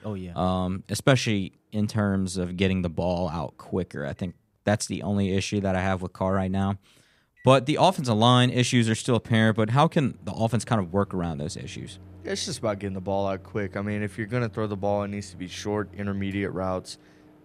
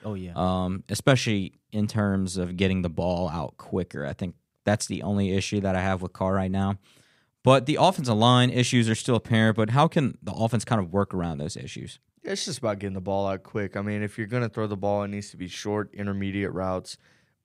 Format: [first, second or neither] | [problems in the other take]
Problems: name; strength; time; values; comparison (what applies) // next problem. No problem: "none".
second | household noises; faint; throughout; 25 dB below the speech